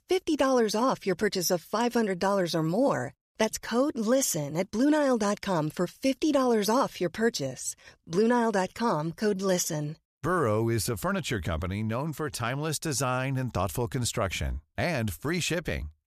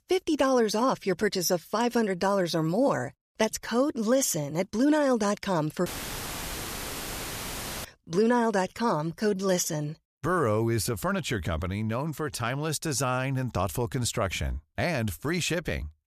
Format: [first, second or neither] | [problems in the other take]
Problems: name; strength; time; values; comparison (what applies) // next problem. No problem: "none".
first | audio cutting out; filled with static; at 6 s for 2 s